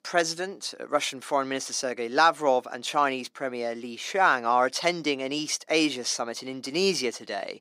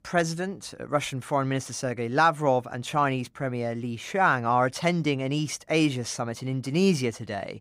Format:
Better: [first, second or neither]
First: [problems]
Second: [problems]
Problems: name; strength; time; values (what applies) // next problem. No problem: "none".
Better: second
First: thin; somewhat; fading below 300 Hz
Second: none